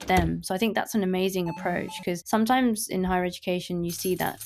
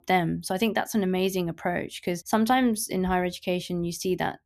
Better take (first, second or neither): second